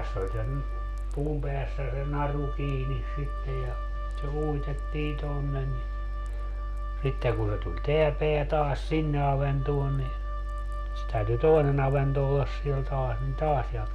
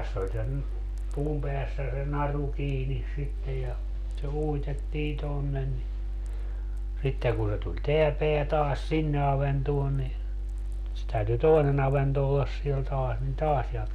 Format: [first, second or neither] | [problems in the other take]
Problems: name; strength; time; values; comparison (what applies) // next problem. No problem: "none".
second | background sound (Wind instrument, woodwind instrument); 18 dB below the speech